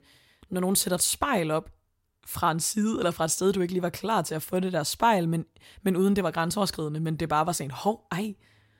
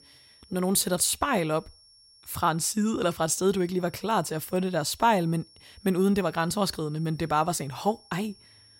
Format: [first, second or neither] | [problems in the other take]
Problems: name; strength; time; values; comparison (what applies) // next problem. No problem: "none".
first | high-pitched whine; faint; throughout; 5.5 kHz, 25 dB below the speech